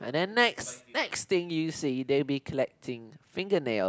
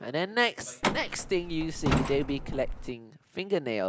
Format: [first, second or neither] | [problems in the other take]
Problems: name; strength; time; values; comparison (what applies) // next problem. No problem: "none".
first | background sound (Truck); 1 dB below the speech